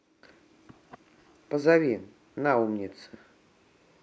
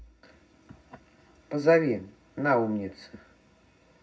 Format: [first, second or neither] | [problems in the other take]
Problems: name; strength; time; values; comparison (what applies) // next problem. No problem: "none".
first | room echo; dies away in 0.4 s